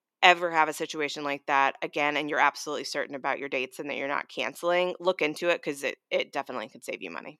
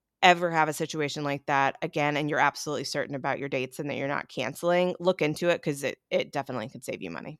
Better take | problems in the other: second | thin; very slightly; fading below 300 Hz

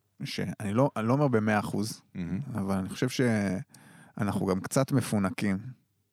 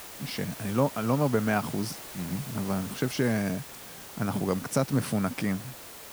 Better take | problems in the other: first | hiss; noticeable; throughout; 10 dB below the speech

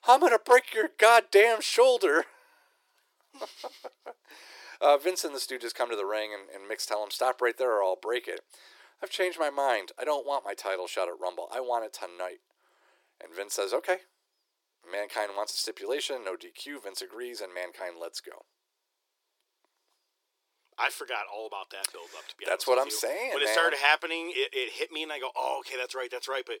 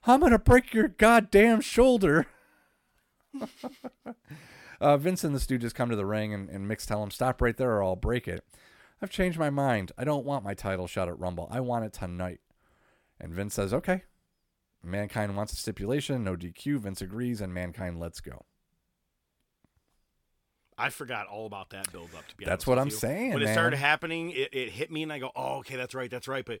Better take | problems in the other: second | thin; very; fading below 350 Hz

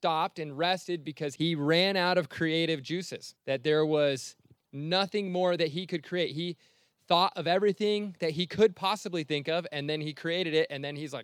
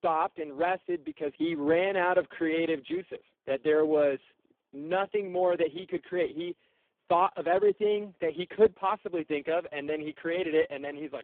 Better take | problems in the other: first | phone-call audio; poor line

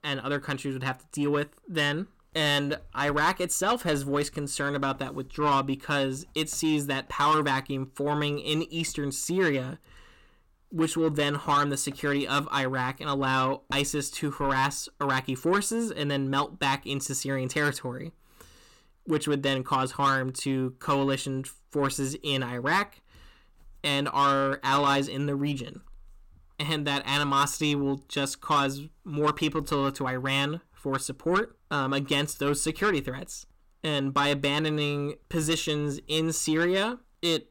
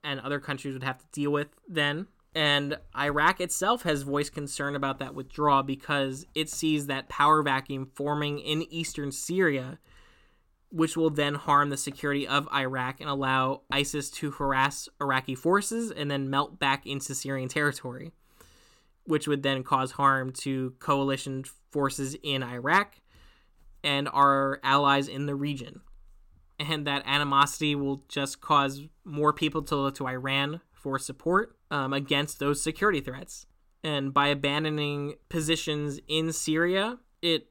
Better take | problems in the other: second | distortion; slight; 10 dB below the speech

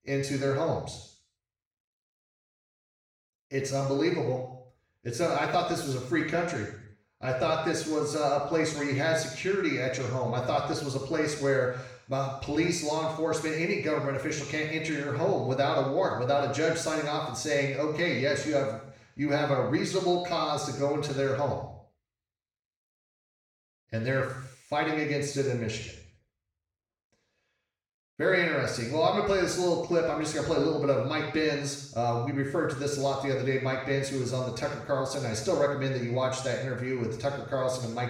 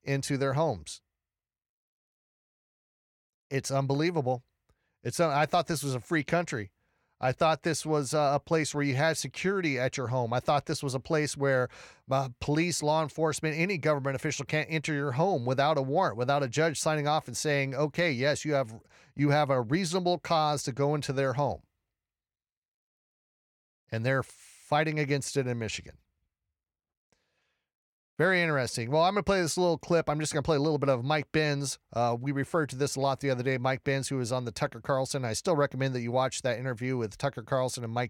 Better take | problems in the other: second | room echo; noticeable; dies away in 0.6 s // off-mic speech; far

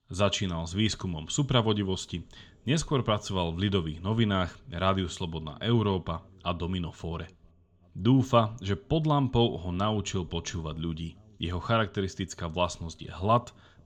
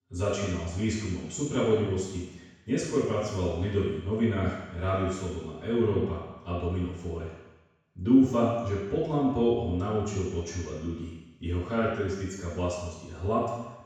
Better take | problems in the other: first | room echo; strong; dies away in 1.1 s; slight in the first // off-mic speech; far

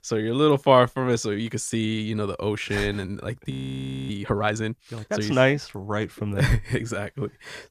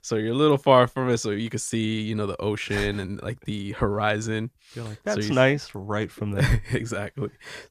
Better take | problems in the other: second | audio freezing; at 3.5 s for 0.5 s

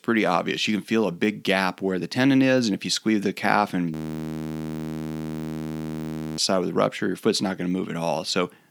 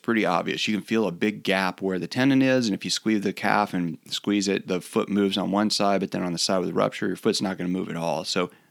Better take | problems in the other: second | audio freezing; at 4 s for 2.5 s

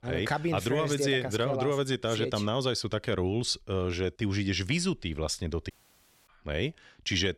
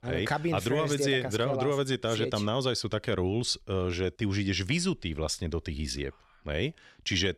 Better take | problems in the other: second | audio cutting out; at 5.5 s for 0.5 s

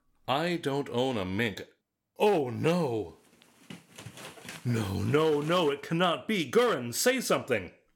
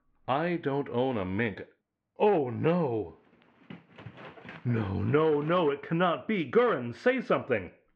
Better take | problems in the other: first | muffled; very; fading above 2.5 kHz

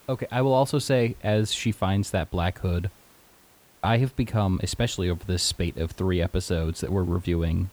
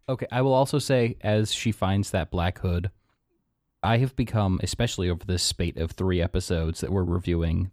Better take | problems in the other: second | hiss; faint; throughout; 30 dB below the speech

